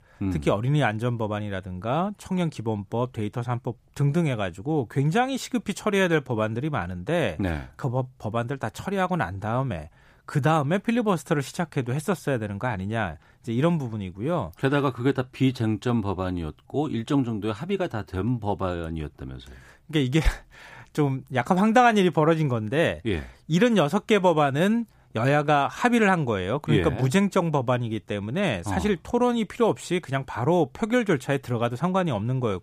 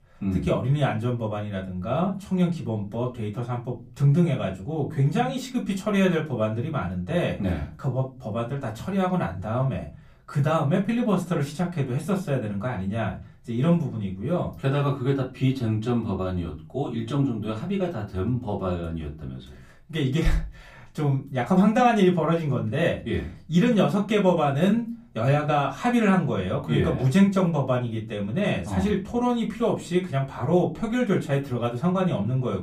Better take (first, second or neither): first